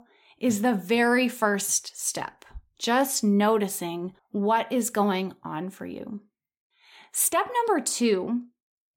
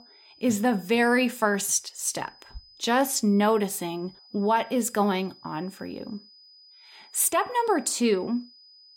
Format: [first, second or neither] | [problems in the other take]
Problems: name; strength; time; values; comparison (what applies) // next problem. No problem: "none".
first | high-pitched whine; faint; throughout; 5 kHz, 25 dB below the speech